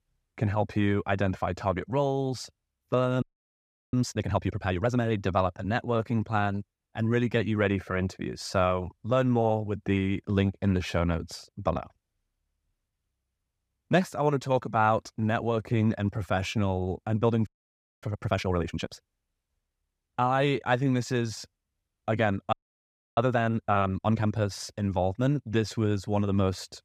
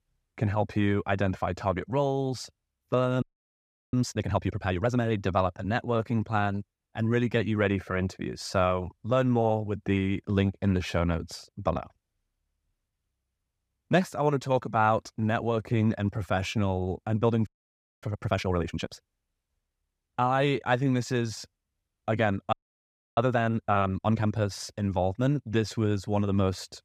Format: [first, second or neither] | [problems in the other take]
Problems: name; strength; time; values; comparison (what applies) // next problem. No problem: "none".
neither | audio freezing; at 3 s for 0.5 s, at 17 s for 0.5 s and at 23 s for 0.5 s; the same in both